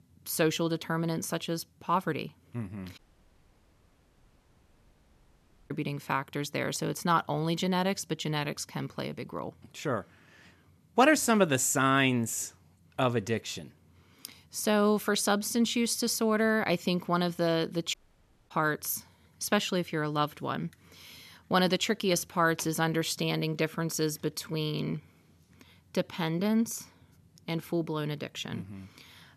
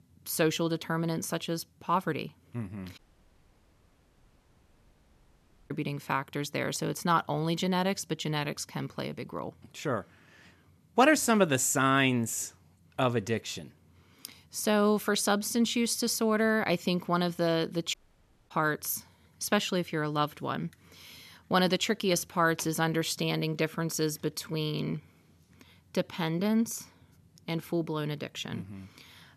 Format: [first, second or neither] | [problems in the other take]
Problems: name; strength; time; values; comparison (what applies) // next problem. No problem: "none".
neither | audio cutting out; at 3 s for 2.5 s and at 18 s for 0.5 s; the same in both